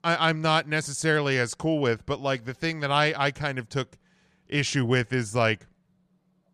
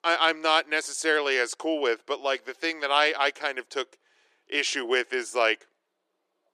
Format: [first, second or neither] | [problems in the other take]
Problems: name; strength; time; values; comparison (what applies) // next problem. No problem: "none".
first | thin; very; fading below 350 Hz